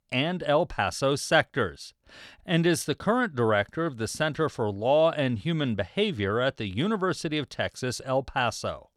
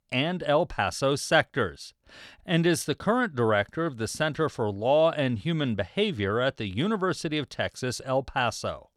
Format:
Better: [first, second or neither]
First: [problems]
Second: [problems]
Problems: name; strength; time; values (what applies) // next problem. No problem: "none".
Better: neither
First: none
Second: none